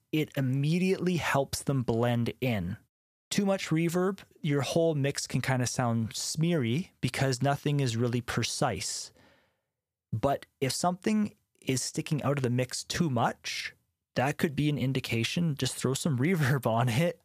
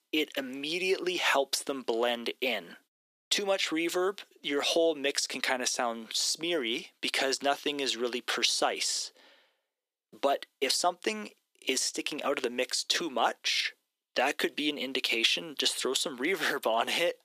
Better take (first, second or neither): first